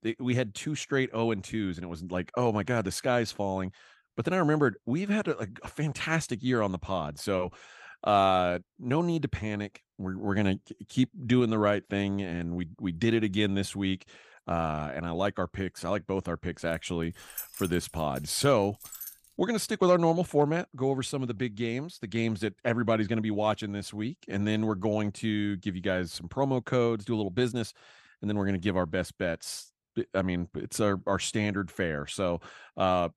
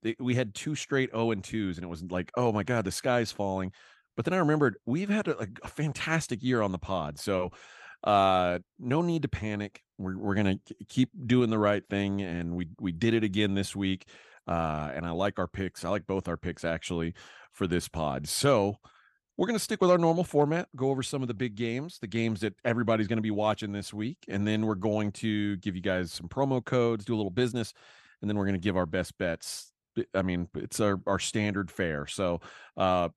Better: second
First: jangling keys; noticeable; from 17 to 19 s; peak 8 dB below the speech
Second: none

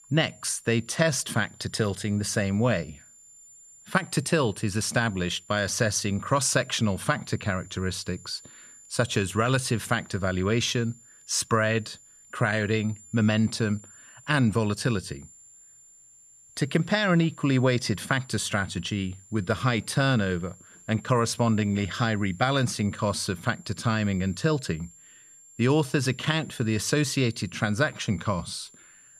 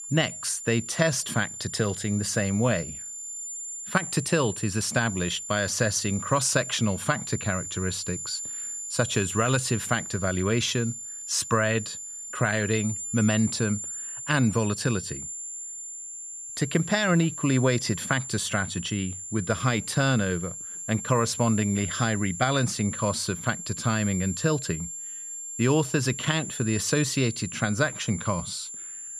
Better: first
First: high-pitched whine; faint; throughout; 7 kHz, 25 dB below the speech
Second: high-pitched whine; loud; throughout; 7 kHz, 7 dB below the speech

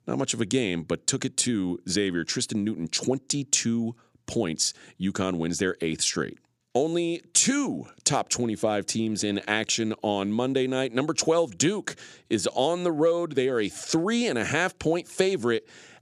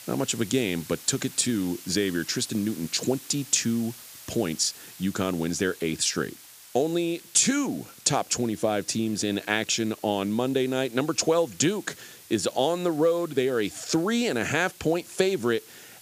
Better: first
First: none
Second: hiss; noticeable; throughout; 20 dB below the speech

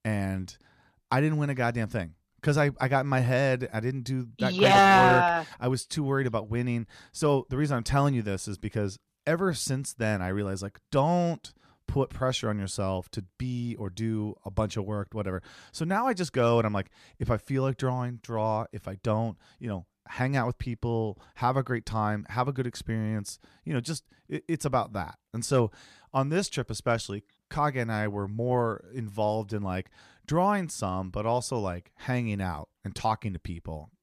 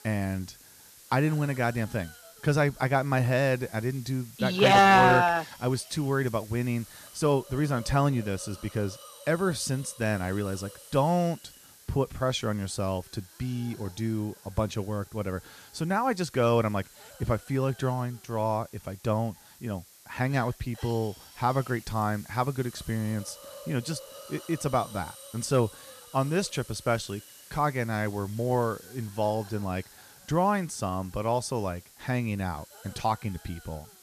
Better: first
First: none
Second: hiss; noticeable; throughout; 20 dB below the speech

